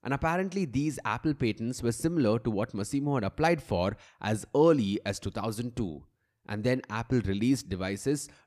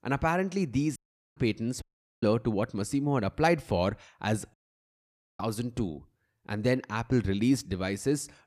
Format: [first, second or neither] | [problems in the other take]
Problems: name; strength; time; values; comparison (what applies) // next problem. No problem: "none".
first | audio cutting out; at 1 s, at 2 s and at 4.5 s for 1 s